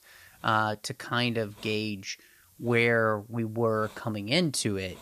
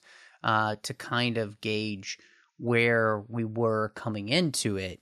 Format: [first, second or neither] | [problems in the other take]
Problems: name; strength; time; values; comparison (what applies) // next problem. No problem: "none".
second | hiss; faint; throughout; 25 dB below the speech